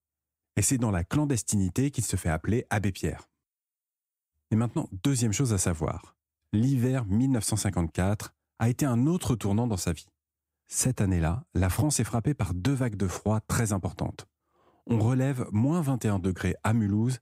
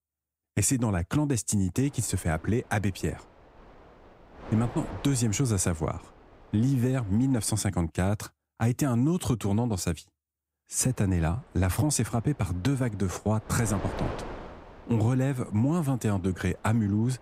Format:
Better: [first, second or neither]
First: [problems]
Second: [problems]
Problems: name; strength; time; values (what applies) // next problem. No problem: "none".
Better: first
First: none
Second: wind noise on the microphone; occasional gusts; from 2 to 7.5 s and from 11 s on; 15 dB below the speech